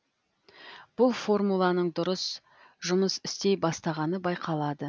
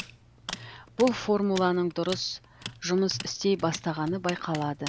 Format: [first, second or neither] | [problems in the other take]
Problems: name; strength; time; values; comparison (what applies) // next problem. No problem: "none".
first | background sound (Tools + Hands); 14 dB below the speech